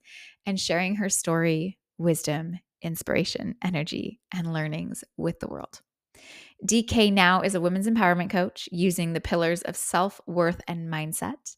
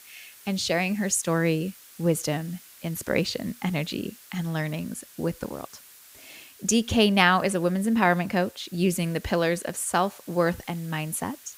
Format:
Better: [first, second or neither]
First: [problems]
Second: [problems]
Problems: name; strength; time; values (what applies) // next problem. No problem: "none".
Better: first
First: none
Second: hiss; faint; throughout; 20 dB below the speech